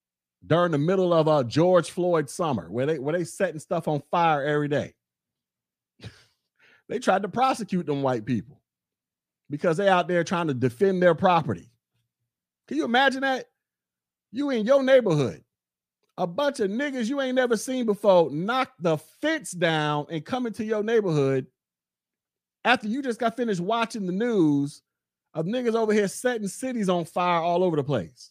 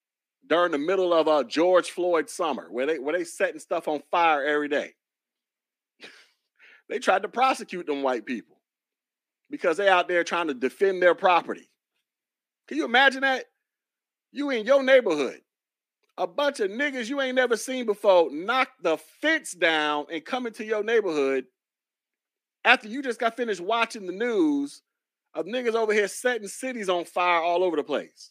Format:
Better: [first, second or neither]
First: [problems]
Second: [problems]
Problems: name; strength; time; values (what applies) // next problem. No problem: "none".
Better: first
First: none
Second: thin; very slightly; fading below 250 Hz